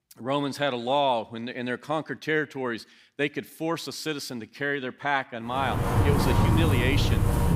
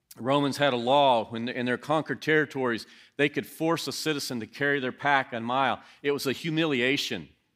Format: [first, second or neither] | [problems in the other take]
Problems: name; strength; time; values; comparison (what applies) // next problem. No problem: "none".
second | wind in the background; very loud; from 5.5 s on; 4 dB above the speech